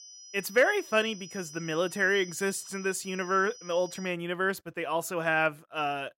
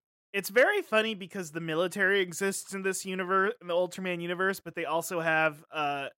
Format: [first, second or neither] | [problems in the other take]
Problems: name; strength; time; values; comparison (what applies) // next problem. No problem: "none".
second | high-pitched whine; noticeable; until 4 s; 6 kHz, 15 dB below the speech